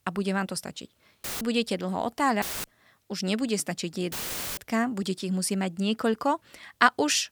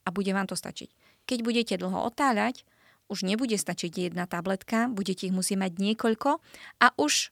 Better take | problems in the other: second | audio cutting out; filled with static; at 1 s, at 2.5 s and at 4 s

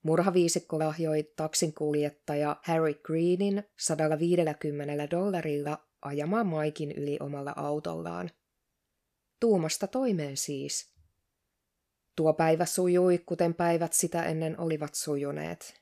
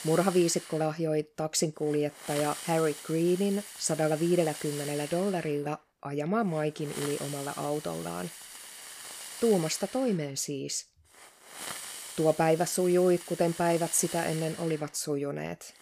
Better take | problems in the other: first | hiss; noticeable; throughout; 10 dB below the speech

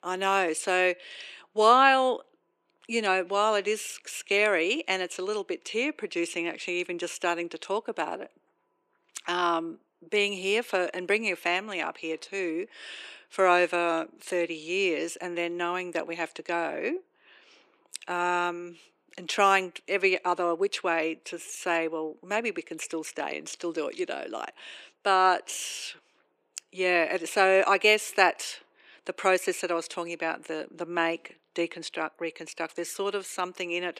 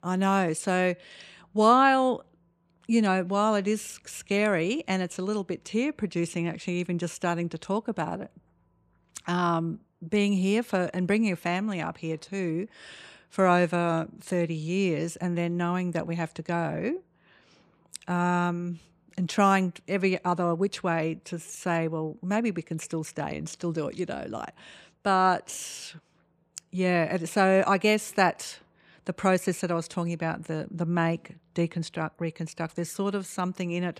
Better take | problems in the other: second | thin; very; fading below 350 Hz

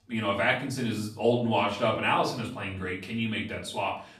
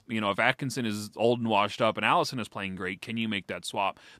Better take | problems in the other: second | room echo; slight; dies away in 0.5 s // off-mic speech; far

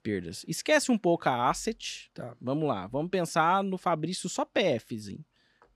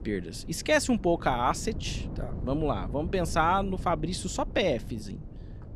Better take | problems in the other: first | wind noise on the microphone; occasional gusts; 20 dB below the speech

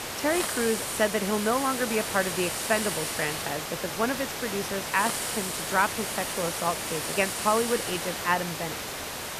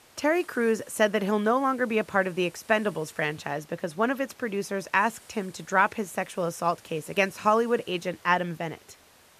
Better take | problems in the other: second | hiss; loud; throughout; 2 dB below the speech; faint in the second

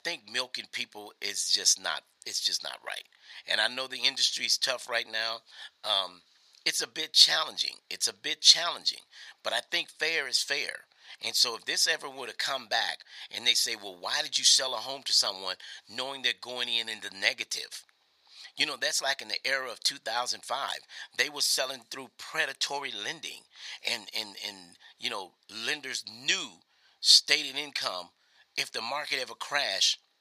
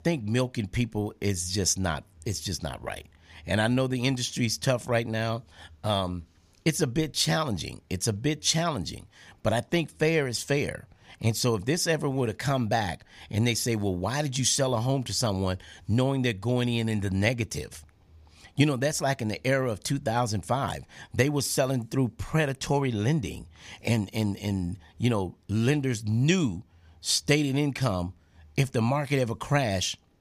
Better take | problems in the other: second | thin; very; fading below 850 Hz

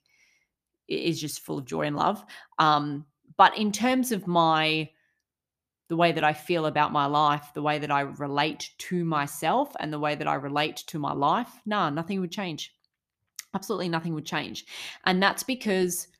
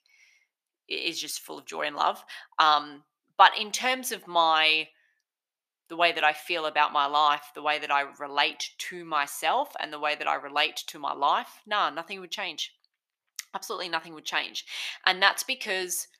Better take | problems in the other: first | thin; very; fading below 600 Hz

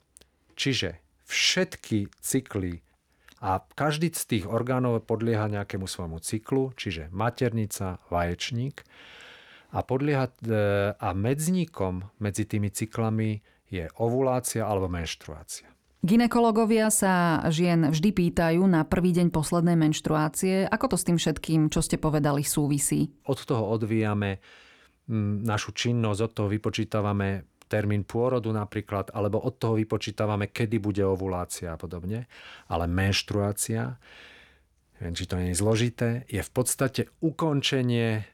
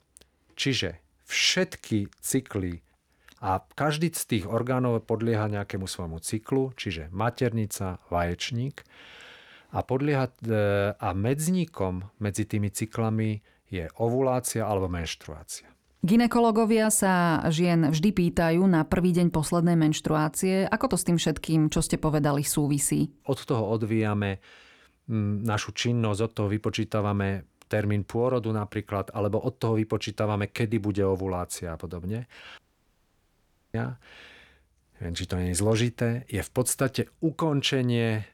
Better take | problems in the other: first | audio cutting out; at 33 s for 1 s

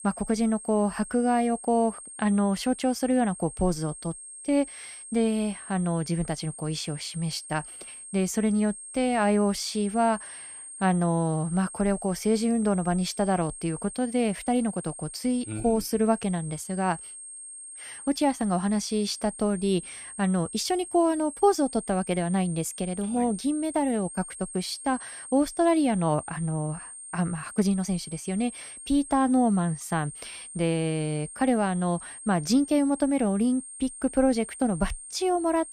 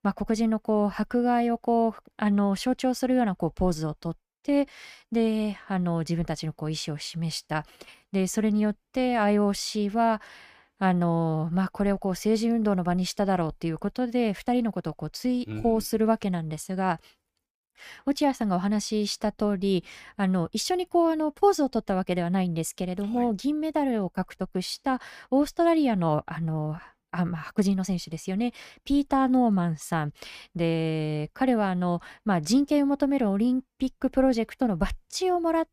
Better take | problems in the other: second | high-pitched whine; noticeable; throughout; 8.5 kHz, 15 dB below the speech

